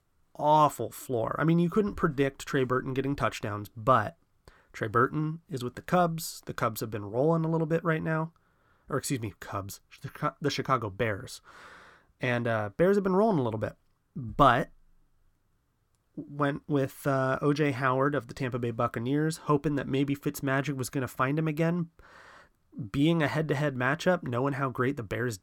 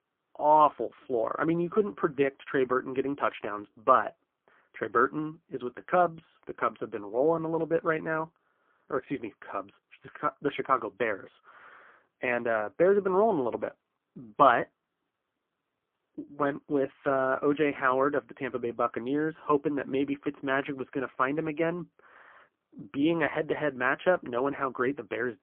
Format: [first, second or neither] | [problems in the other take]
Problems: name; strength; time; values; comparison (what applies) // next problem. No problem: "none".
first | phone-call audio; poor line; nothing above 3.5 kHz